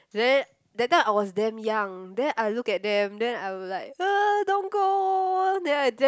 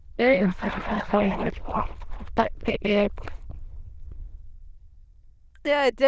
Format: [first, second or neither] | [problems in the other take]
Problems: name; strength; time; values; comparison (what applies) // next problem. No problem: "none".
first | noise reduction (neural diffusion model UNIVERSE++)